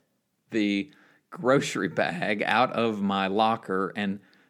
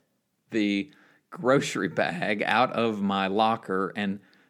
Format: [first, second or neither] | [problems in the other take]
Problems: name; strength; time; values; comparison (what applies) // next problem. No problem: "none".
neither | none